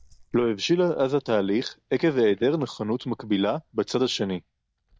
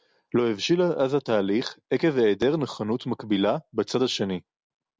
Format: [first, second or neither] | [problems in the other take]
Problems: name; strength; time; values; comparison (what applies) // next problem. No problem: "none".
second | noise reduction (neural mask model DeepFilterNet 3)